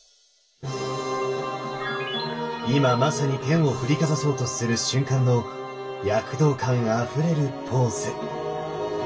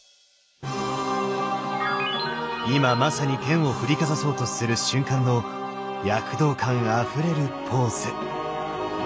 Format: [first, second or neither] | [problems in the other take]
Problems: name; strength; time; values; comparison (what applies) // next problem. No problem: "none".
second | room echo; dies away in 0.1 s